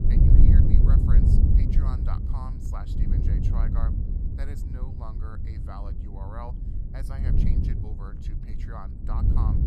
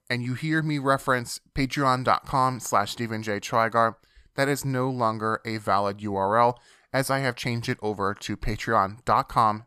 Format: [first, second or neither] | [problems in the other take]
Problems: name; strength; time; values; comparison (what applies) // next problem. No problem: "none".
second | wind noise on the microphone; heavy; 4 dB above the speech